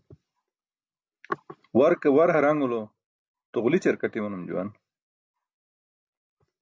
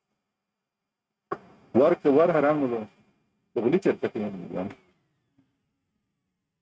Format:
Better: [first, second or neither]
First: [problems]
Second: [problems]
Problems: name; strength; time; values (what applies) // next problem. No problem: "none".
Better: first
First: none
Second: noise reduction (neural mask model RNNoise)